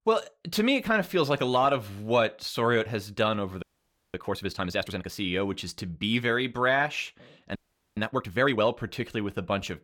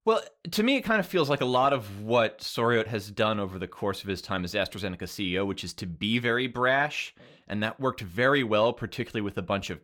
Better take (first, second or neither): second